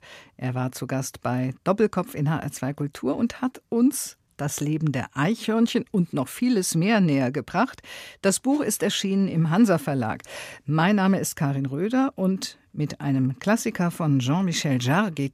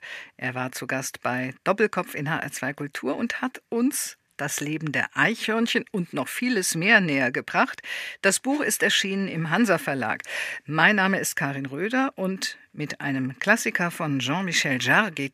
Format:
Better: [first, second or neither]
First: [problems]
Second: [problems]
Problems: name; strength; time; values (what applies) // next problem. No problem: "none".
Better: first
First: none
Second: thin; somewhat; fading below 750 Hz